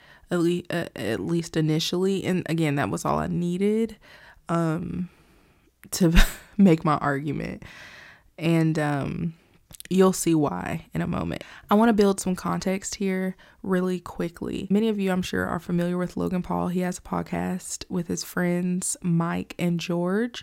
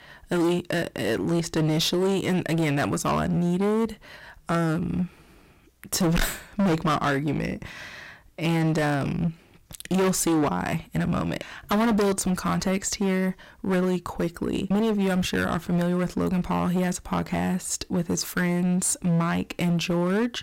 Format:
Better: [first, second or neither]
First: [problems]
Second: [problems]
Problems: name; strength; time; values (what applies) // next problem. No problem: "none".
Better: first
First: none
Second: distortion; heavy; 16% of the sound clipped